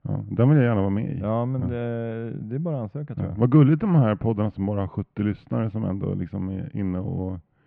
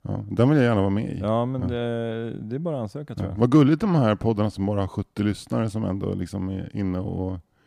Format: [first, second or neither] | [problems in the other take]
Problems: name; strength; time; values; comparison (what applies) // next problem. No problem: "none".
second | muffled; very; fading above 2.5 kHz